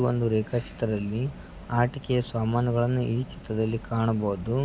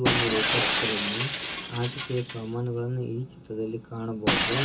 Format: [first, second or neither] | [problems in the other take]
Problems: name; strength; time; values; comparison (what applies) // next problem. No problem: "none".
first | background sound (Shatter); 2 dB above the speech // room echo; dies away in 0.2 s